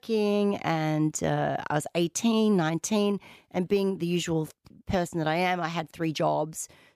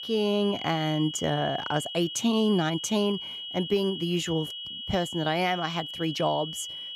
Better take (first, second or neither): first